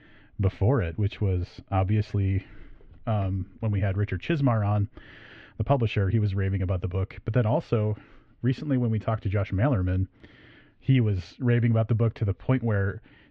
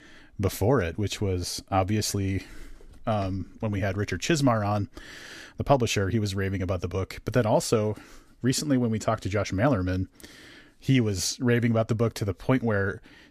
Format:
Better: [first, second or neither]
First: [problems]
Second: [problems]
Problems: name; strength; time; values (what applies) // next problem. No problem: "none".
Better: second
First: muffled; very; fading above 3 kHz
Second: none